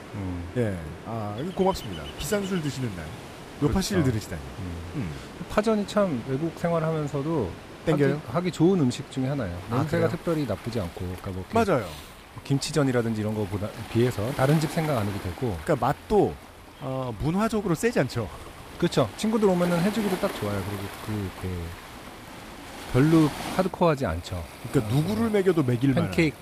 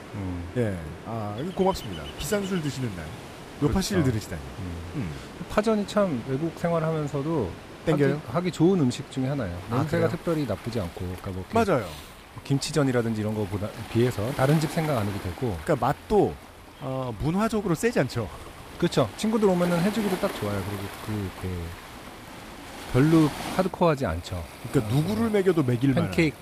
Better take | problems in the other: neither | rain or running water; noticeable; throughout; 15 dB below the speech; the same in both

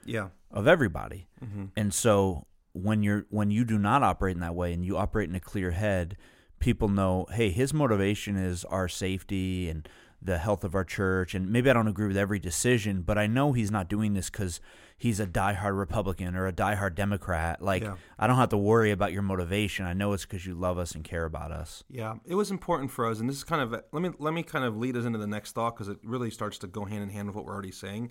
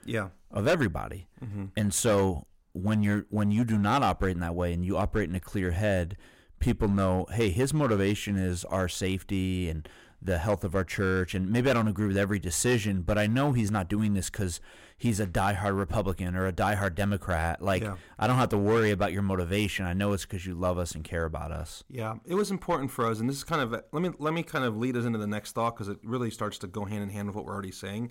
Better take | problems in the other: first | distortion; slight; 4% of the sound clipped

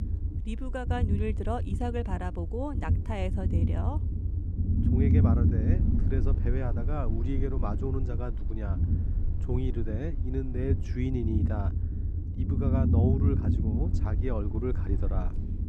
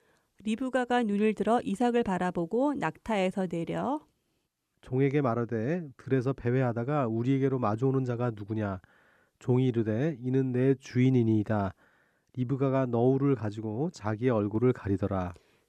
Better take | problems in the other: second | low rumble; loud; throughout; 3 dB below the speech

